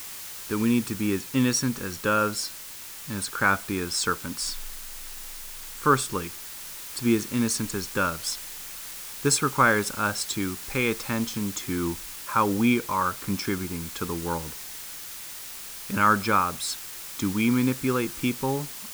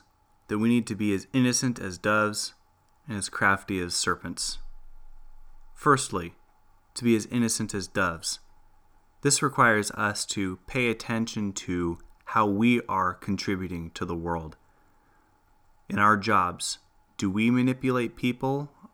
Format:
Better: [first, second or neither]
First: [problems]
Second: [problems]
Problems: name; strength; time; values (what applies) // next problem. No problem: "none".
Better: second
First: hiss; loud; throughout; 10 dB below the speech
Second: none